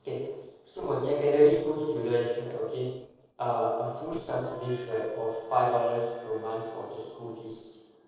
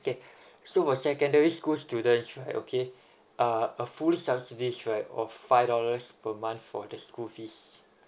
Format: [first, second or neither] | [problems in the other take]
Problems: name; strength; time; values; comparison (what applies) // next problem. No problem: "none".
second | noise reduction (neural separator model SepFormer DNS4)